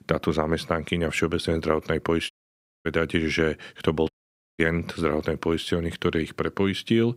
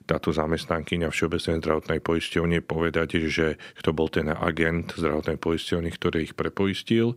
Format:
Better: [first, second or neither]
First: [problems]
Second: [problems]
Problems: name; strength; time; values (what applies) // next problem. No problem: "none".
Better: second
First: audio cutting out; at 2.5 s for 0.5 s and at 4 s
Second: none